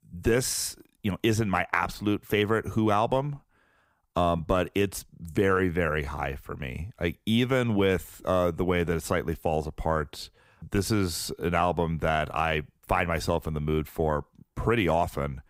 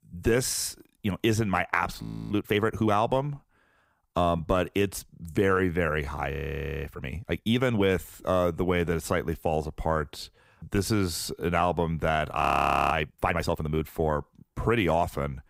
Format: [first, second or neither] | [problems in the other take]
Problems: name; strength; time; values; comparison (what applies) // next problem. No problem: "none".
first | audio freezing; at 2 s, at 6.5 s for 0.5 s and at 12 s for 0.5 s